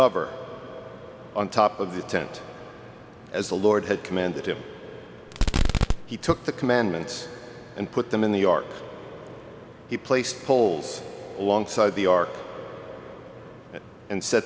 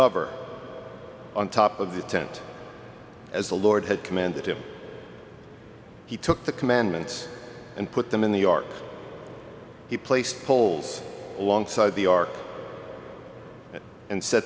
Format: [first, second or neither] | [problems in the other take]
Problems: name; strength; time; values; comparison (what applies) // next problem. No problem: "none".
second | background sound (Fireworks); 3 dB above the speech